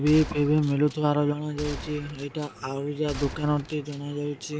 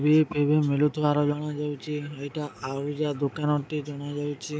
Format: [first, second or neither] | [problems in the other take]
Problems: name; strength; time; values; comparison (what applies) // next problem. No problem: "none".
second | background sound (Gunshot, gunfire); 14 dB below the speech